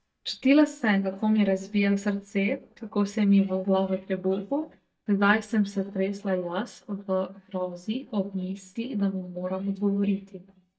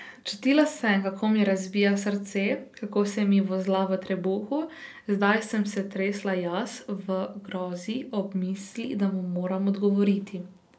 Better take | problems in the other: second | noise reduction (neural mask model DeepFilterNet 3)

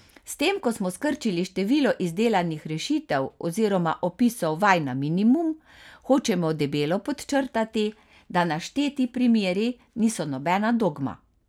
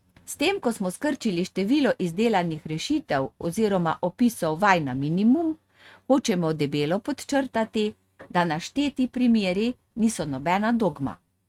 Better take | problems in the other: first | noise reduction (neural mask model RNNoise)

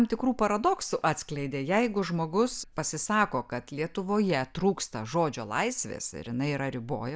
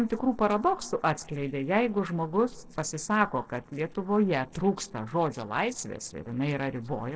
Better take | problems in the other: first | noise reduction (neural separator model SepFormer DNS4)

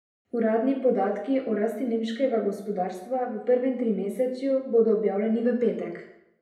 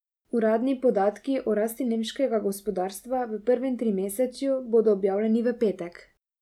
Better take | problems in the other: second | room echo; dies away in 0.7 s

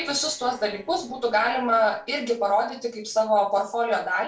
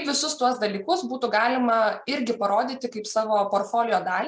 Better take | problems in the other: second | noise reduction (neural separator model SepFormer DNS4)

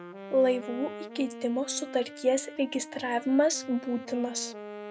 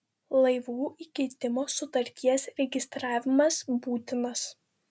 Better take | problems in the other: second | background sound (Wind instrument, woodwind instrument); 13 dB below the speech

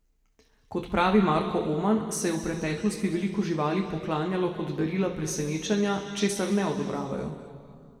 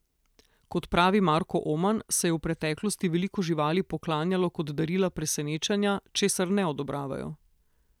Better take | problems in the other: second | room echo; dies away in 2.2 s

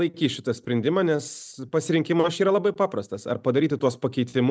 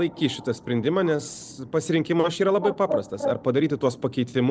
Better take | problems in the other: first | background sound (Bird); 11 dB below the speech

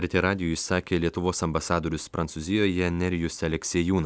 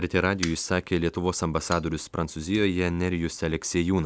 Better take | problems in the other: first | background sound (Fire); 20 dB below the speech

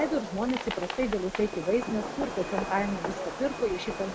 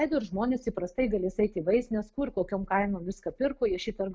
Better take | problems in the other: second | background sound (Fireworks); 6 dB below the speech

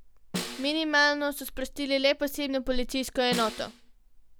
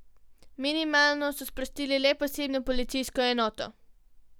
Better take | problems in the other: second | background sound (Snare drum); 10 dB below the speech

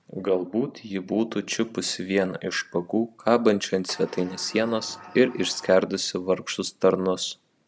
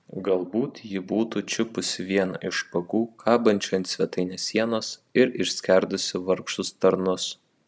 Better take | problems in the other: second | background sound (Sliding door); 19 dB below the speech

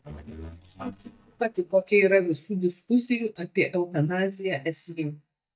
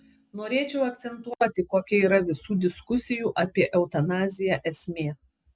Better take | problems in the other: second | noise reduction (neural mask model DeepFilterNet 3)

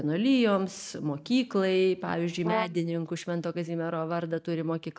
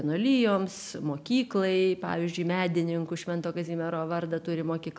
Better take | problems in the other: second | noise reduction (neural mask model DeepFilterNet 3)

